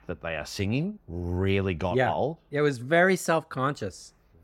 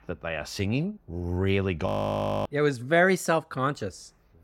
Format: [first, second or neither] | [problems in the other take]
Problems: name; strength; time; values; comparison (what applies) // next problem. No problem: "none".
first | audio freezing; at 2 s for 0.5 s